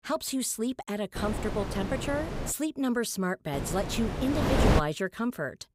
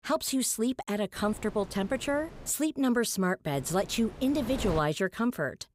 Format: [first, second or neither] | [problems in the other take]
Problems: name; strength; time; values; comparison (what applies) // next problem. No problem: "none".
second | wind noise on the microphone; heavy; from 1 to 2.5 s and from 3.5 to 5 s; 1 dB below the speech; occasional gusts in the second